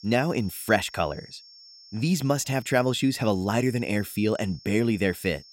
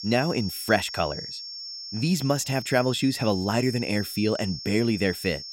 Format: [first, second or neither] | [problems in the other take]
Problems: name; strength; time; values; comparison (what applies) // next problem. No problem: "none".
first | high-pitched whine; loud; throughout; 5.5 kHz, 9 dB below the speech; faint in the first